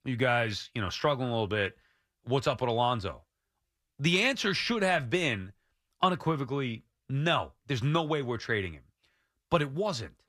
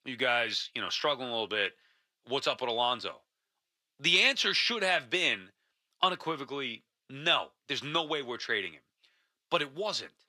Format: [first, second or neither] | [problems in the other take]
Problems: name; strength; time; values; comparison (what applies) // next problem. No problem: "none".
first | thin; somewhat; fading below 300 Hz